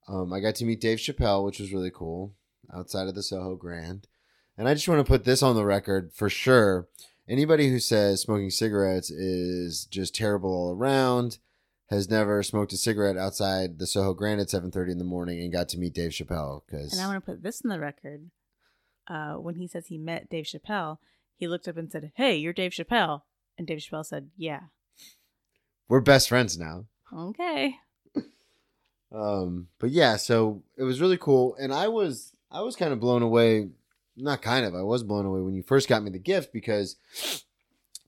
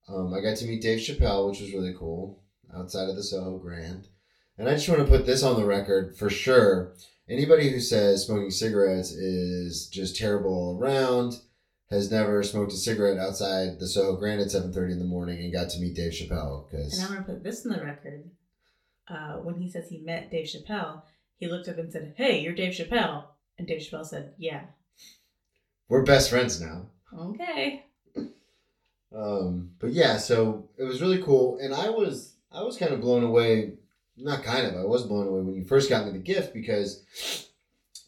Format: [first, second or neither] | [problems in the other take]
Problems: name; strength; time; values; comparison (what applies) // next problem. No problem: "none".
first | room echo; very slight; dies away in 0.3 s // off-mic speech; far